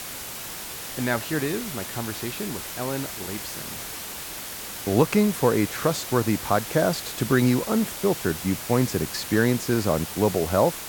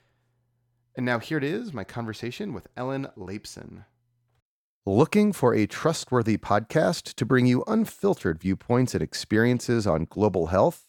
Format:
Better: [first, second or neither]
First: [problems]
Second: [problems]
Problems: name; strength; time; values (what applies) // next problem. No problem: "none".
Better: second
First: hiss; loud; throughout; 8 dB below the speech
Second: none